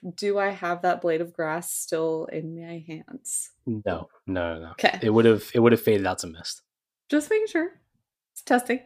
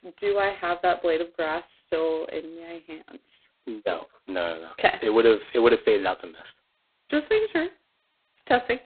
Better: first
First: none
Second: phone-call audio; poor line; nothing above 4 kHz

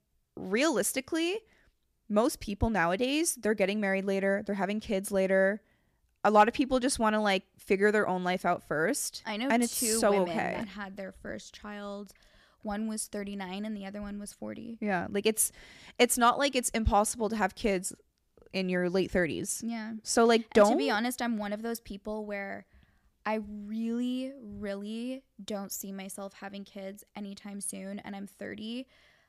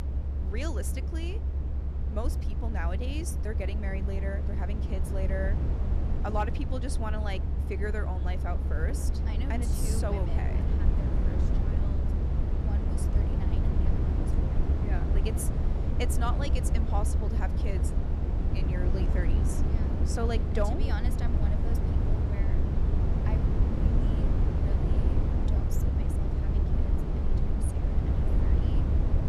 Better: first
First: none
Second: low rumble; loud; throughout; 2 dB below the speech

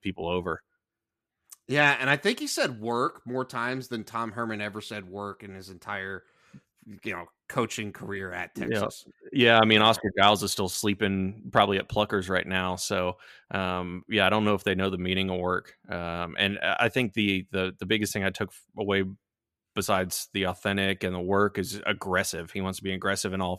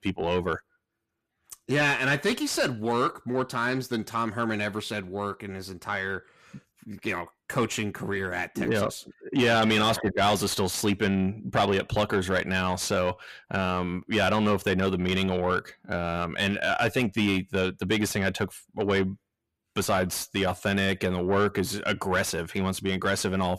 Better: first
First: none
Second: distortion; heavy; 7 dB below the speech

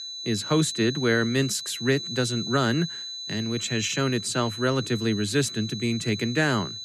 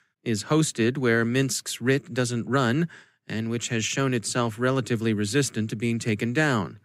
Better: second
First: high-pitched whine; loud; throughout; 4 kHz, 7 dB below the speech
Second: none

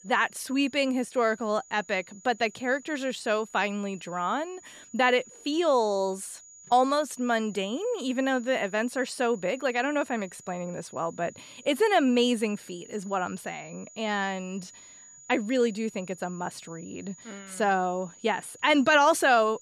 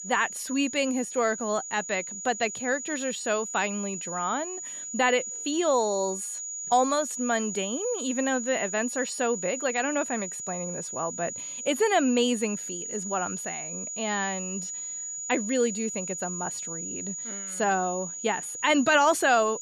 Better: first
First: high-pitched whine; faint; throughout; 7 kHz, 20 dB below the speech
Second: high-pitched whine; loud; throughout; 7 kHz, 6 dB below the speech

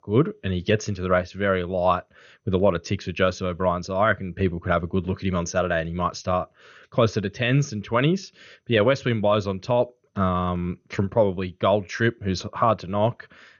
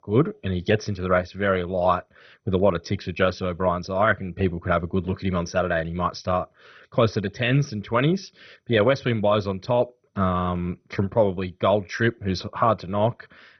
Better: first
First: garbled, watery; slightly; nothing above 6.5 kHz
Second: garbled, watery; badly; nothing above 6 kHz

